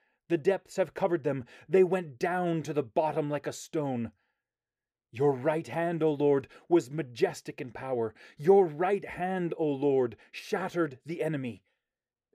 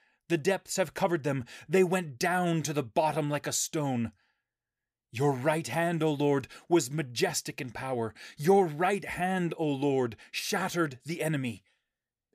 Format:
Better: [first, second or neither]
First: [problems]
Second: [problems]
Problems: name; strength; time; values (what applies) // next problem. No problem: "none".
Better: second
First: muffled; slightly; fading above 3.5 kHz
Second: none